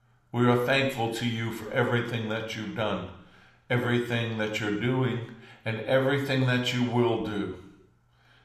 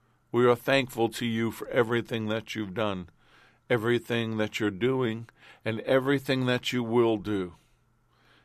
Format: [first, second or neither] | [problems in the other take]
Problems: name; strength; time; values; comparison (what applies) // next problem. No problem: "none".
second | room echo; slight; dies away in 0.7 s